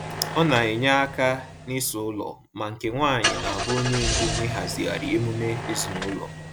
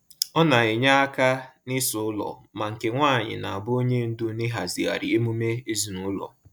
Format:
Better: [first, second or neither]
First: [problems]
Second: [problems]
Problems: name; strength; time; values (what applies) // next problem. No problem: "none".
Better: second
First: background sound (Engine starting / Car); 5 dB below the speech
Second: none